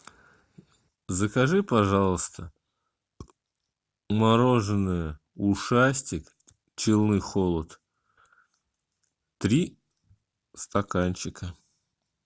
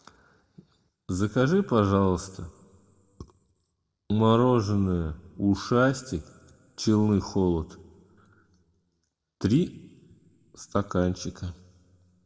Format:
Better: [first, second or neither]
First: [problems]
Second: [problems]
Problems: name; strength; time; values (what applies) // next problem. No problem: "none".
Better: first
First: none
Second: room echo; dies away in 1.1 s